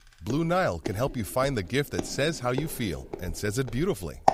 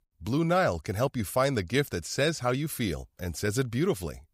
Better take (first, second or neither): second